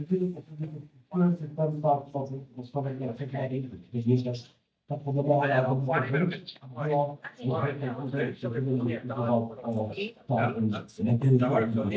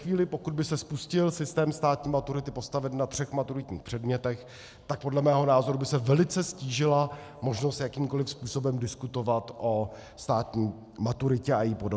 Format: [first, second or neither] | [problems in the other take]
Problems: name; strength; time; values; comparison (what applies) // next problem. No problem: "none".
second | noise reduction (neural mask model DeepFilterNet 3)